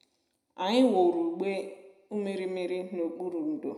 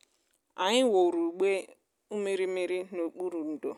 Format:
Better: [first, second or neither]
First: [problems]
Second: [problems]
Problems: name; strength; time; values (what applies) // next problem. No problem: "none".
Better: second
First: room echo; dies away in 0.8 s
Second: none